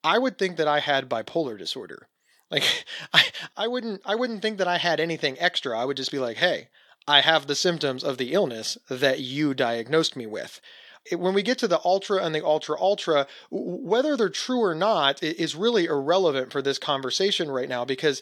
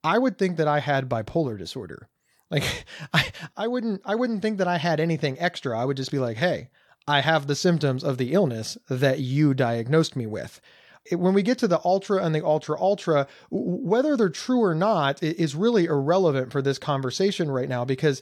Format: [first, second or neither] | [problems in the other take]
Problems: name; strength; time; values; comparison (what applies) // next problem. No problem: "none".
second | thin; very slightly; fading below 300 Hz